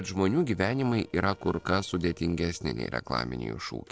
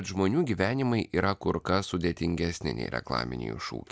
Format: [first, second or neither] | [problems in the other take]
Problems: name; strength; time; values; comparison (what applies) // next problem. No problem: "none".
second | noise reduction (neural separator model SepFormer DNS4)